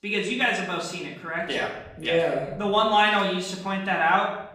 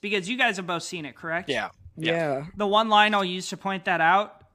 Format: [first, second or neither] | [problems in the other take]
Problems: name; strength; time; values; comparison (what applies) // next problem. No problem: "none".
second | room echo; noticeable; dies away in 0.7 s // off-mic speech; far